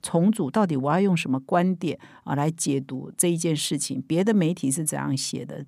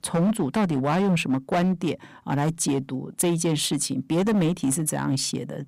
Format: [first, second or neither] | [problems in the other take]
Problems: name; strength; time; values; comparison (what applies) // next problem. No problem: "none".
first | distortion; slight; 13% of the sound clipped